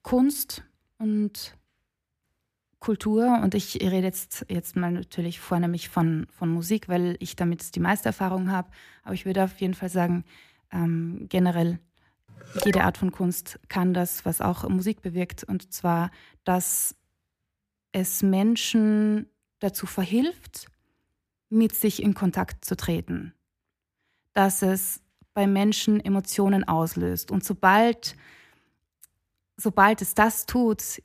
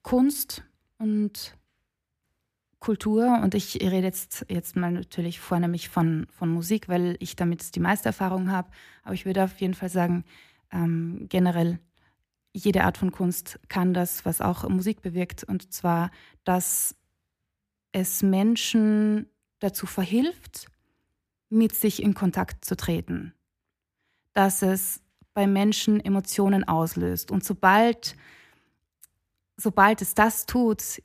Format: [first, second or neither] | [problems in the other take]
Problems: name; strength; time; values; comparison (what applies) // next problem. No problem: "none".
second | phone ringing; noticeable; at 13 s; peak 5 dB below the speech